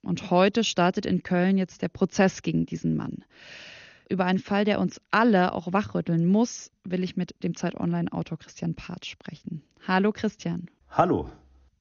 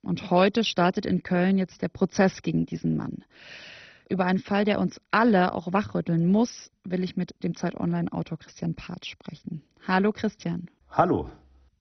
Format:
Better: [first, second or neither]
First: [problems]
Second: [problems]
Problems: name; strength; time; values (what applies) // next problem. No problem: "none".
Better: first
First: garbled, watery; slightly; nothing above 6.5 kHz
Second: garbled, watery; badly; nothing above 6 kHz